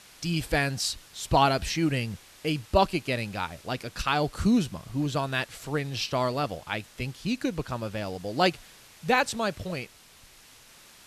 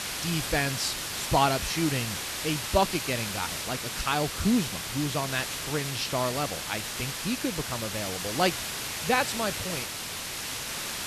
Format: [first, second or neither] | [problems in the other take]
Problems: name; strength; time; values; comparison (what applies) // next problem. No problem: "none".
first | hiss; loud; throughout; 2 dB below the speech; faint in the first